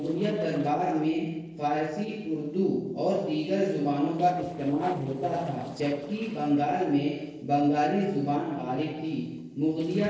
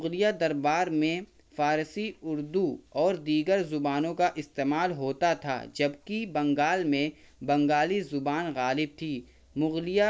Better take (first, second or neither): second